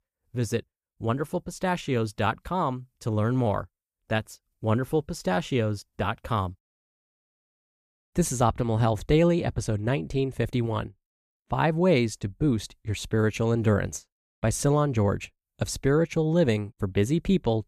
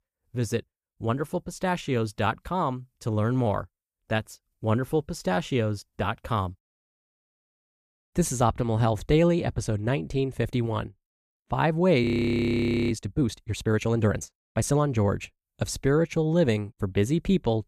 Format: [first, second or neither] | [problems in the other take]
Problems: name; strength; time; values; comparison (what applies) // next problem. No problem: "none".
first | audio freezing; at 12 s for 1 s